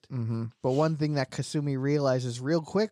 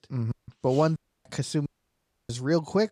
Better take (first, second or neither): first